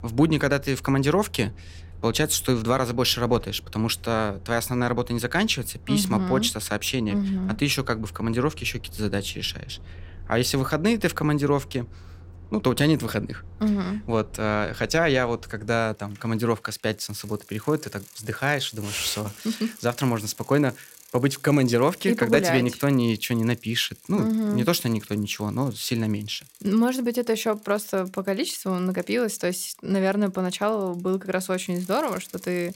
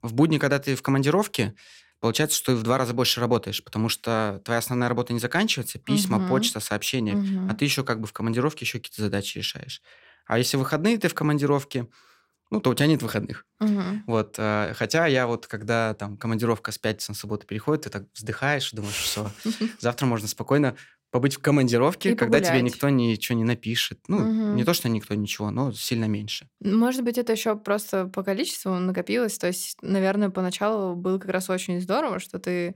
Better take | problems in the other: second | traffic noise; faint; throughout; 20 dB below the speech

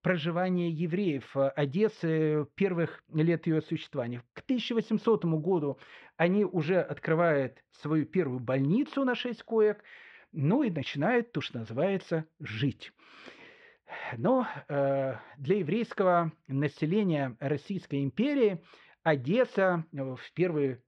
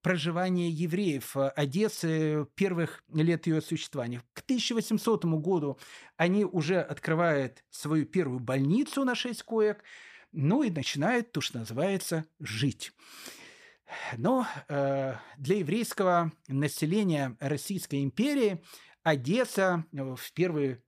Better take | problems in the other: second | muffled; slightly; fading above 3 kHz

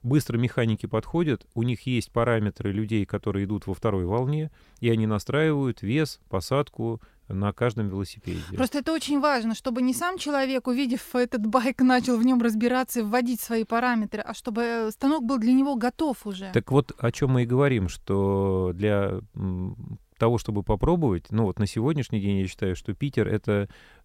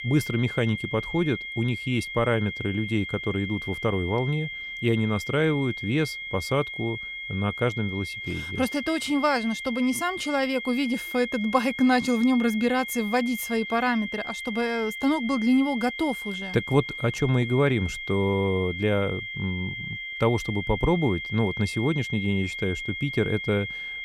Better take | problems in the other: first | high-pitched whine; loud; throughout; 2 kHz, 7 dB below the speech

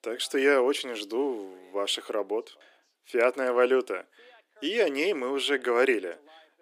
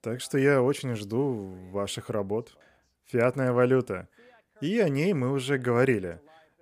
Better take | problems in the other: second | thin; somewhat; fading below 300 Hz

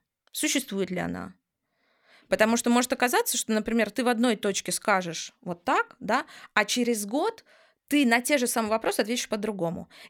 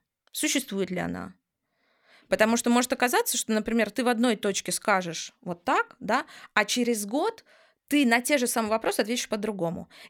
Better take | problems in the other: neither | none

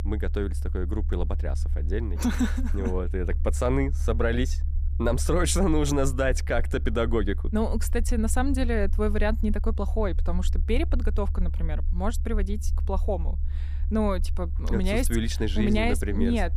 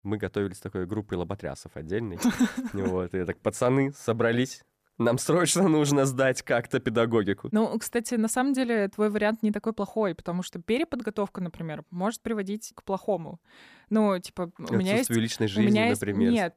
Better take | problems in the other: second | low rumble; noticeable; throughout; 20 dB below the speech

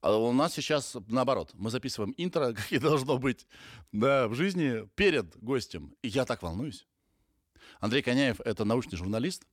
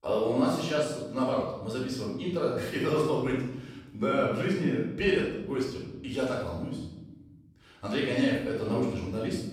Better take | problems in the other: first | off-mic speech; far // room echo; noticeable; dies away in 1 s

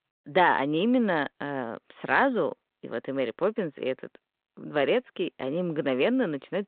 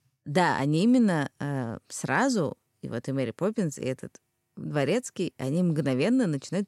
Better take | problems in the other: second | phone-call audio

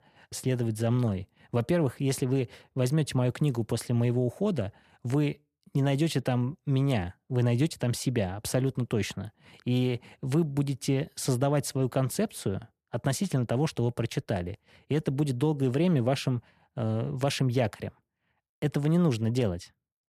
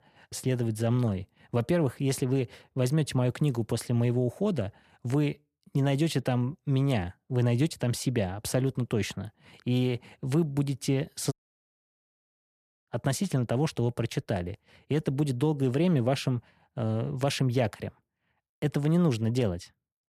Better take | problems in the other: first | audio cutting out; at 11 s for 1.5 s

